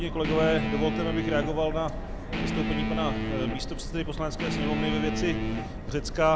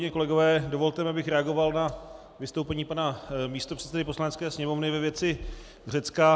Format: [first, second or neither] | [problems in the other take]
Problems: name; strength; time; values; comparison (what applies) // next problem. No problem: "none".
second | background sound (Subway, metro, underground + Guitar); 1 dB below the speech